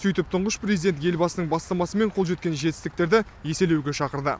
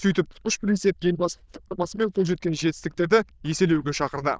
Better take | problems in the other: first | noise reduction (neural diffusion model UNIVERSE++)

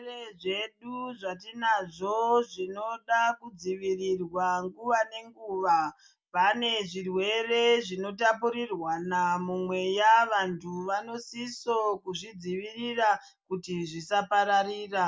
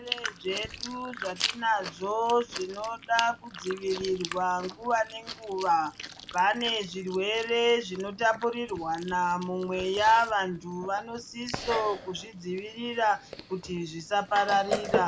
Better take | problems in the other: first | background sound (Chewing, mastication); 10 dB below the speech

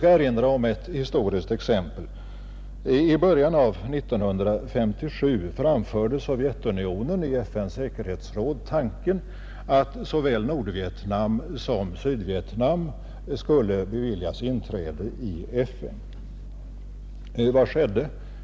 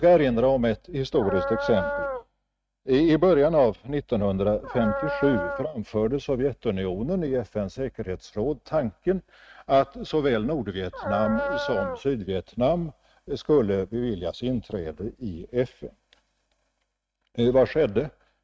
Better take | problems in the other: first | noise reduction (neural mask model RNNoise)

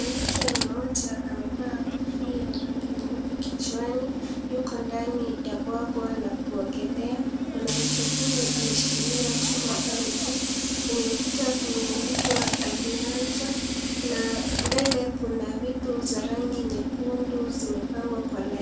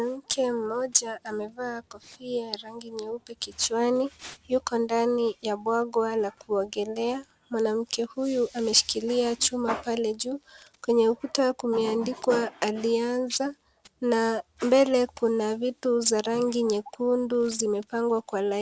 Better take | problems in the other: second | background sound (Tools); 5 dB above the speech // room echo; dies away in 0.3 s

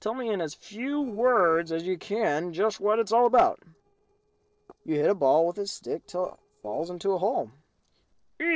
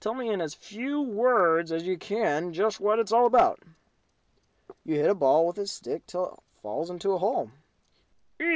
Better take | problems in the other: second | noise reduction (neural separator model SepFormer DNS4)

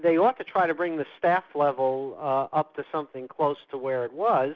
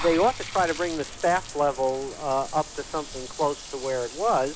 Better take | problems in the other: first | background sound (Bathtub (filling or washing) / Water); 12 dB below the speech

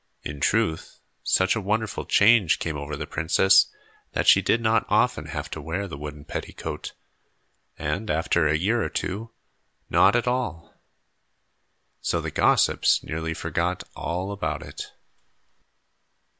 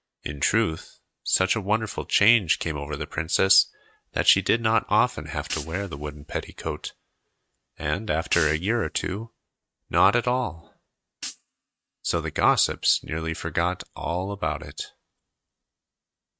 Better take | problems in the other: first | noise reduction (neural mask model RNNoise)

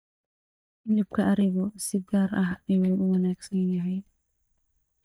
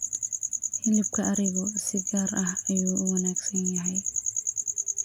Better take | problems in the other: second | noise reduction (neural mask model DeepFilterNet 3)

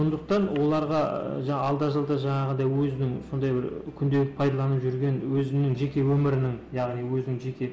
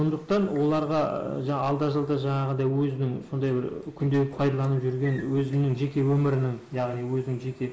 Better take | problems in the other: first | noise reduction (neural mask model Resemble Enhance denoiser)

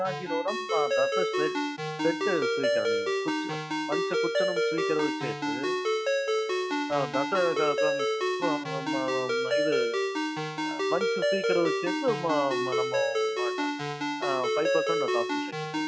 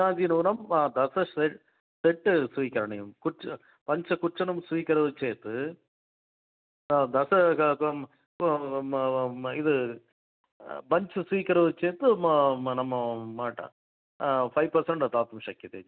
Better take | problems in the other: second | noise reduction (classical method log-MMSE)

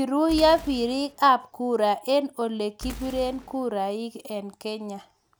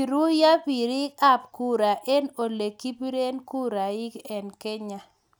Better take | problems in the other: second | background sound (Boom); 18 dB below the speech

